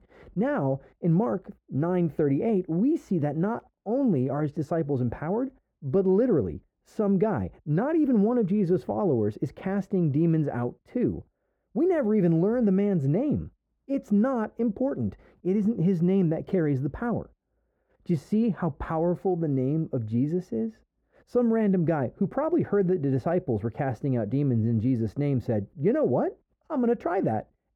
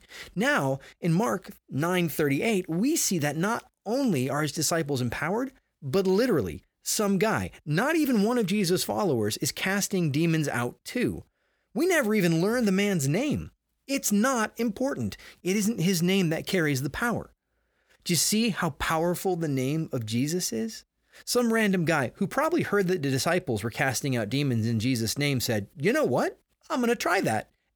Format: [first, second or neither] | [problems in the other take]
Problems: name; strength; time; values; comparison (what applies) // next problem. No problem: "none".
second | muffled; very; fading above 2 kHz